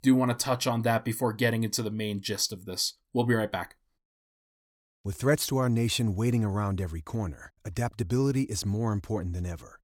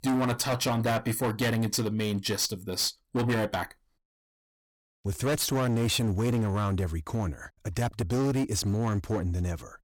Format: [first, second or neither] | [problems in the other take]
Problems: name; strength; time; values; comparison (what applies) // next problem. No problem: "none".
first | distortion; heavy; 18% of the sound clipped